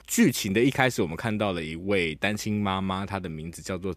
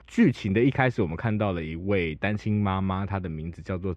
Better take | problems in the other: first | muffled; very; fading above 2.5 kHz

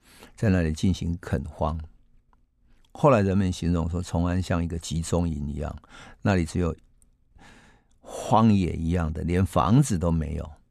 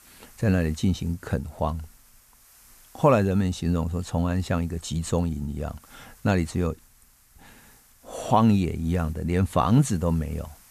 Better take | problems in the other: first | hiss; faint; throughout; 30 dB below the speech

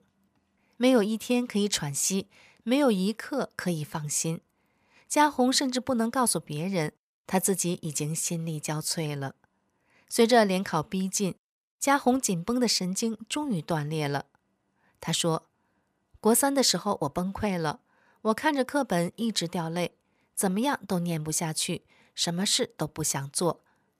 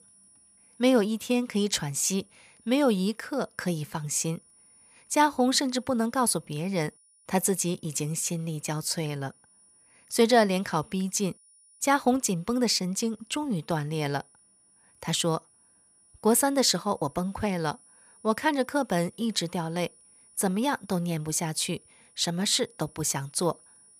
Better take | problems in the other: first | high-pitched whine; faint; throughout; 9.5 kHz, 30 dB below the speech

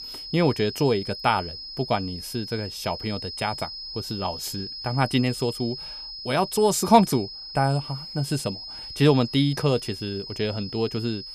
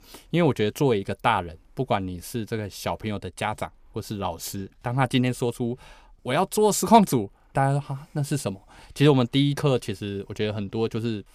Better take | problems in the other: second | high-pitched whine; loud; throughout; 5 kHz, 9 dB below the speech

